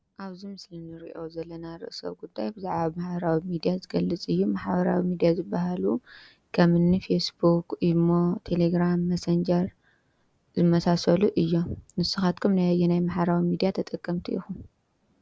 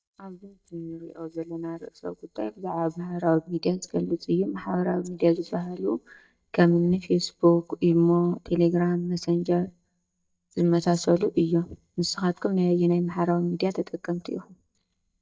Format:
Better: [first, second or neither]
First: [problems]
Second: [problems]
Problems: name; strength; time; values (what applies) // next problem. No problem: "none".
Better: first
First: none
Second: noise reduction (neural mask model DeepFilterNet 3)